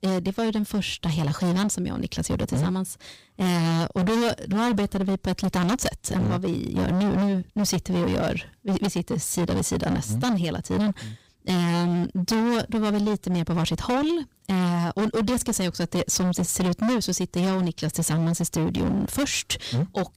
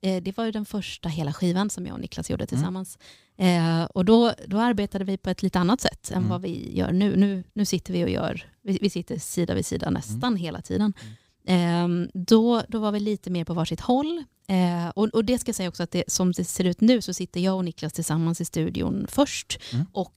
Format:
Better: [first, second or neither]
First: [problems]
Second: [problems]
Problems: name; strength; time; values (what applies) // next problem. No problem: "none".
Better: second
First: distortion; heavy; 26% of the sound clipped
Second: none